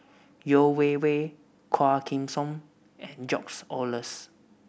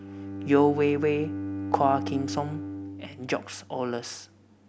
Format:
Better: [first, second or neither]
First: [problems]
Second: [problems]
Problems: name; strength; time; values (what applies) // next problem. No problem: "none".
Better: first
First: none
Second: background sound (Bowed string instrument); 7 dB below the speech